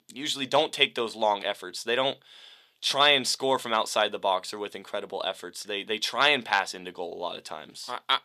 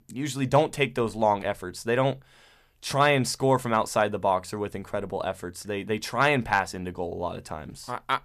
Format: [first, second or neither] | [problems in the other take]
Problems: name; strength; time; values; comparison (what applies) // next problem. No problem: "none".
second | thin; somewhat; fading below 300 Hz